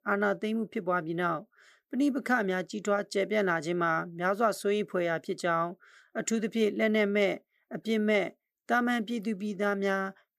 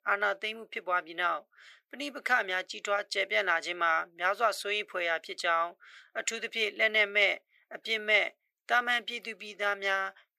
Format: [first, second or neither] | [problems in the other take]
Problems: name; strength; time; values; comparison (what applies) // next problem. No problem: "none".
first | thin; very; fading below 700 Hz